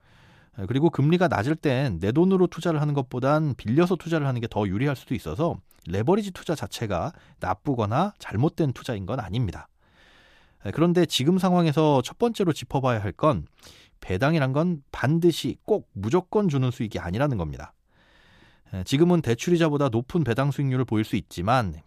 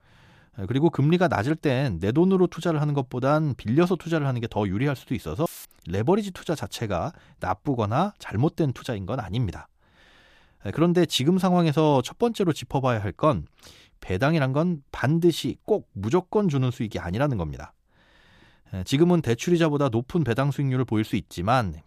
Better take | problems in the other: first | audio cutting out; filled with static; at 5.5 s

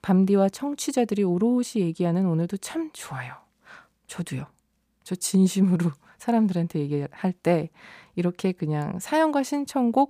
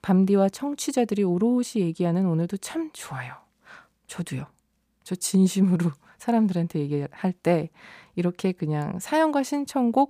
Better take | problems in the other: neither | none

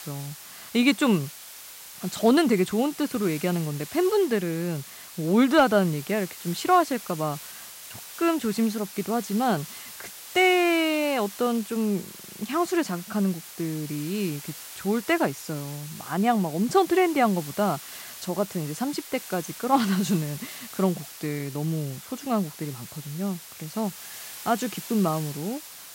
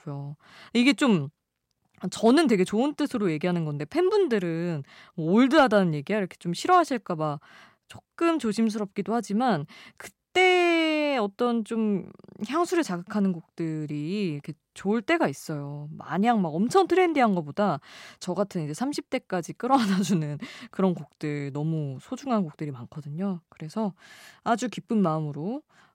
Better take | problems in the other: second | hiss; noticeable; throughout; 15 dB below the speech

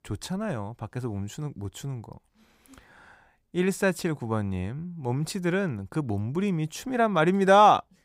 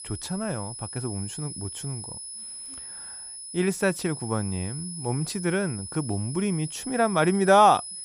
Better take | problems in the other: first | high-pitched whine; loud; throughout; 10 kHz, 10 dB below the speech

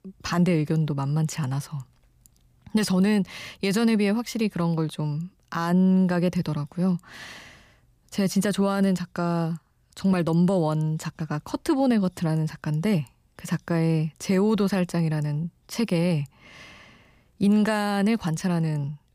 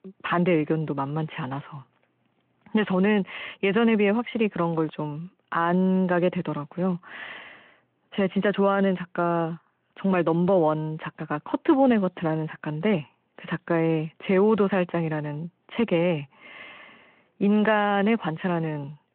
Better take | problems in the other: first | phone-call audio

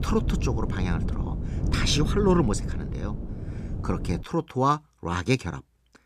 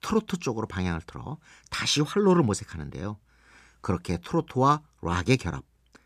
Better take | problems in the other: second | wind noise on the microphone; occasional gusts; until 4 s; 10 dB below the speech

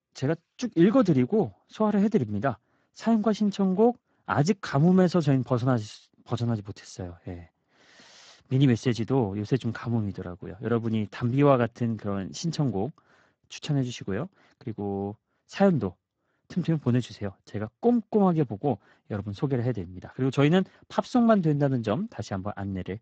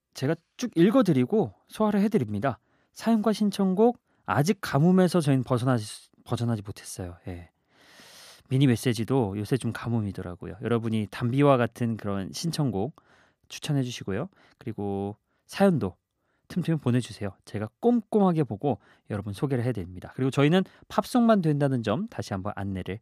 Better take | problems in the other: second | garbled, watery; badly; nothing above 7.5 kHz

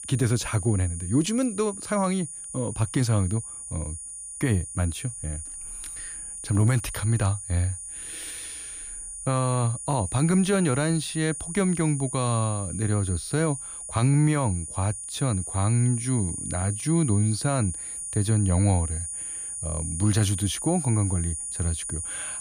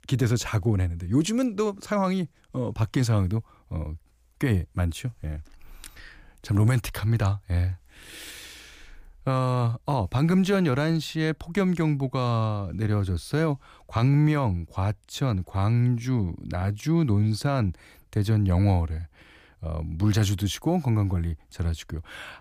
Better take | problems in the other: second | high-pitched whine; loud; throughout; 9.5 kHz, 7 dB below the speech

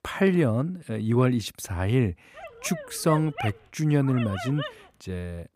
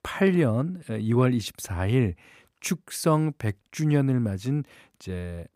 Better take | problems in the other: second | dog barking; noticeable; from 2.5 to 4.5 s; peak 7 dB below the speech

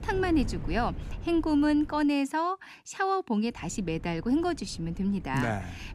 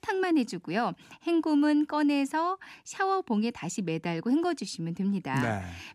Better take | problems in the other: second | wind noise on the microphone; occasional gusts; until 2 s and from 3.5 s on; 20 dB below the speech

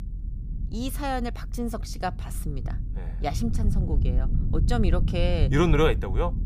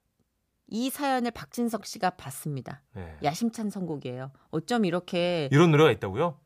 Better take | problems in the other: second | low rumble; noticeable; throughout; 15 dB below the speech

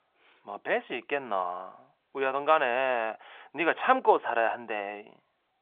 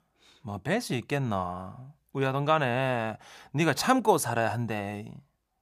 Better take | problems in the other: second | phone-call audio

